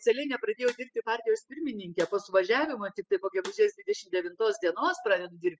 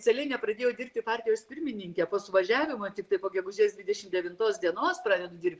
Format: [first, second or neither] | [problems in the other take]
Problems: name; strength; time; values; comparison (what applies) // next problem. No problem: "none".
second | noise reduction (classical method spectral subtraction)